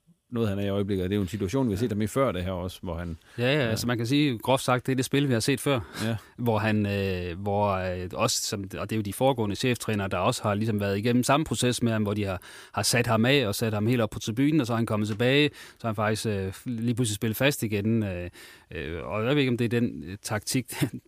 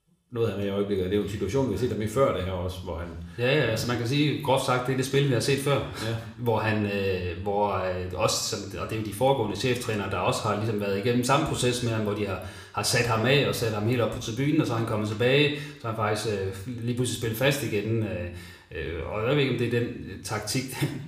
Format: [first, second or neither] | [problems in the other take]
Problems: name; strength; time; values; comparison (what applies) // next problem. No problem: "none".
first | room echo; slight; dies away in 0.7 s